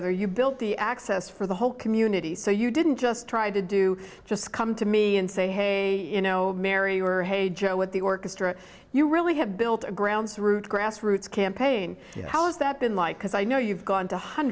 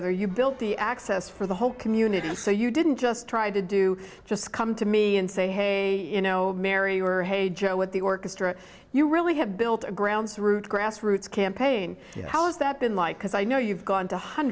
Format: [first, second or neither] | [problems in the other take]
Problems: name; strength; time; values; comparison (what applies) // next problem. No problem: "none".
first | background sound (Sneeze / Church bell); 19 dB below the speech